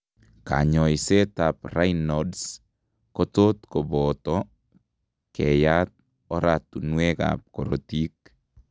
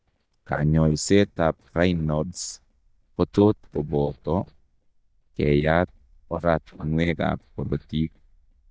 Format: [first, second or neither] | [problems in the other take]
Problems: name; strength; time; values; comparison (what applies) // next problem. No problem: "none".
first | noise reduction (neural mask model DeepFilterNet 3)